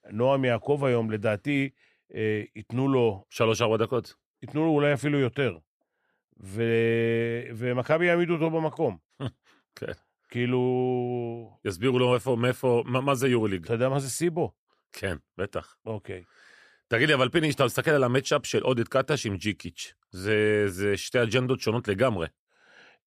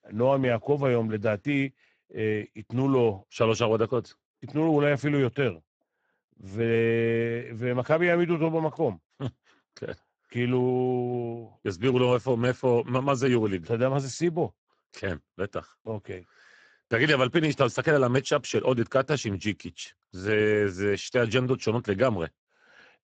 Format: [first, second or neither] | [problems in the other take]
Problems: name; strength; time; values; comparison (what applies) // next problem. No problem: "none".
first | garbled, watery; badly; nothing above 7.5 kHz